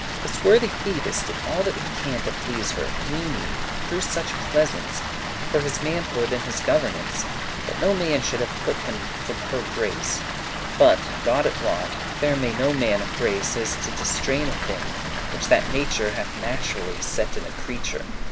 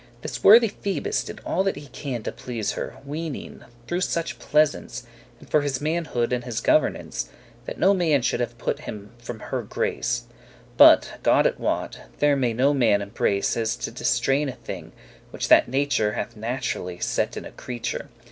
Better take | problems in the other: second | background sound (Water); 3 dB below the speech

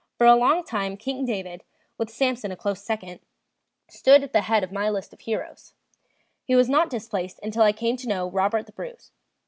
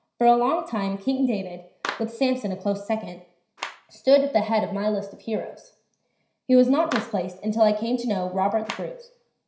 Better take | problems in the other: first | background sound (Clapping); 17 dB below the speech // room echo; dies away in 0.5 s

